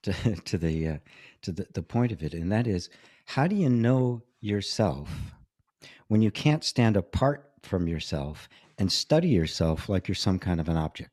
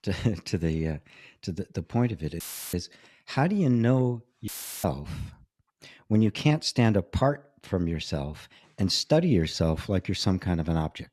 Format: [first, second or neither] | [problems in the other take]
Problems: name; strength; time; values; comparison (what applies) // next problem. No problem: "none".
first | audio cutting out; filled with static; at 2.5 s and at 4.5 s